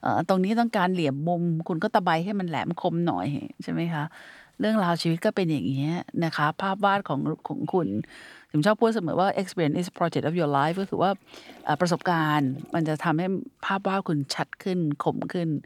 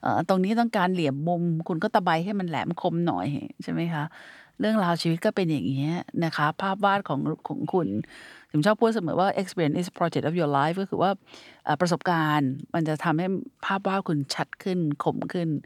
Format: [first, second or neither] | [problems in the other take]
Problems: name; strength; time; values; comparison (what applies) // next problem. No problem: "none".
second | household noises; faint; throughout; 25 dB below the speech